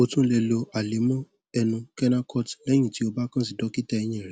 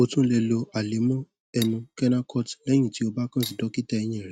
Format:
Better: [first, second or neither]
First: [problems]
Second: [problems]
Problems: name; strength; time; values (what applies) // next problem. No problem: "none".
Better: first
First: none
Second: noise reduction (neural mask model RNNoise)